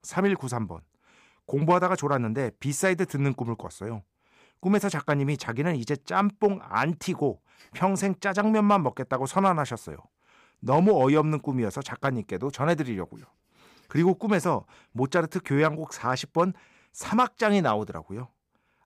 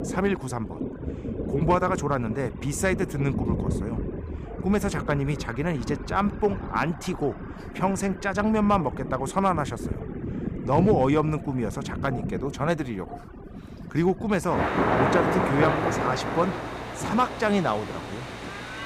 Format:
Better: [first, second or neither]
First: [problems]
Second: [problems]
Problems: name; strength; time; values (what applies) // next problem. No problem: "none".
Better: first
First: none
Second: rain or running water; loud; throughout; 4 dB below the speech